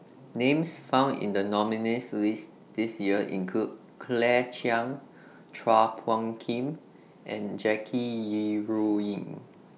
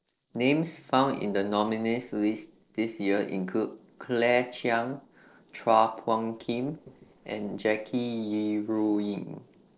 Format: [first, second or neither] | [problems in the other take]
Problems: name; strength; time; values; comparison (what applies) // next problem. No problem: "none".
first | noise reduction (neural separator model SepFormer DNS4)